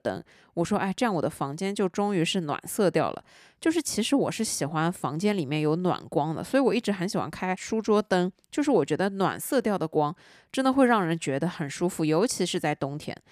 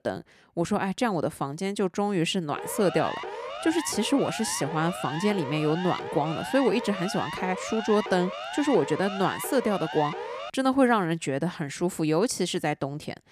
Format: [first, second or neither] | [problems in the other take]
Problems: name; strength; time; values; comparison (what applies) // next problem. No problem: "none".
first | siren; noticeable; from 2.5 to 11 s; peak 7 dB below the speech